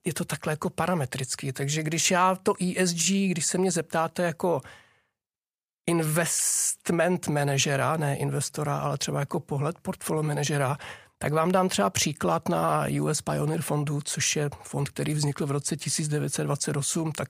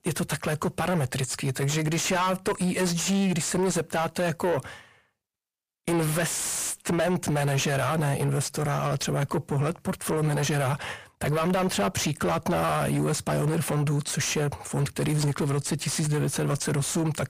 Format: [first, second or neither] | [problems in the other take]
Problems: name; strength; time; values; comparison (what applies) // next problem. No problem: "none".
first | distortion; heavy; 7 dB below the speech